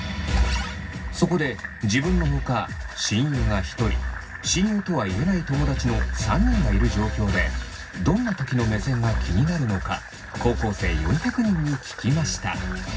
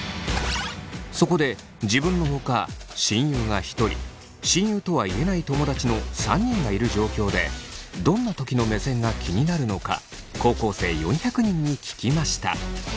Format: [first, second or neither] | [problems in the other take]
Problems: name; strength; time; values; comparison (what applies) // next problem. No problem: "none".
second | background sound (Fill (with liquid)); 16 dB below the speech // room echo; dies away in 0.4 s